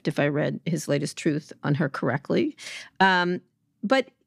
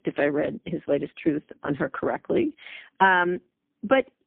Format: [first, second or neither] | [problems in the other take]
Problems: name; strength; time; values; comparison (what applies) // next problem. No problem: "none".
first | phone-call audio; poor line